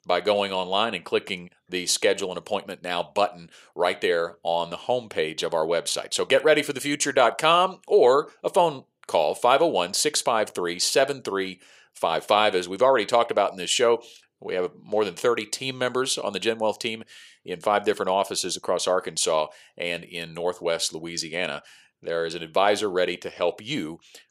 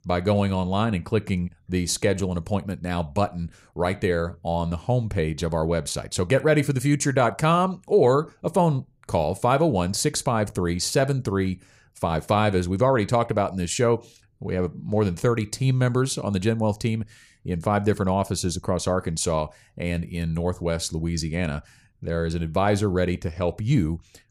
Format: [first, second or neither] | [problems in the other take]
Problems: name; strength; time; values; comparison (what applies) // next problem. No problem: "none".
second | thin; very; fading below 450 Hz